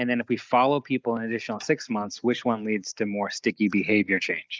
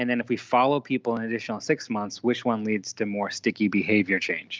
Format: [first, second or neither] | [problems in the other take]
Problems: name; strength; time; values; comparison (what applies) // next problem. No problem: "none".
second | noise reduction (neural mask model Resemble Enhance denoiser)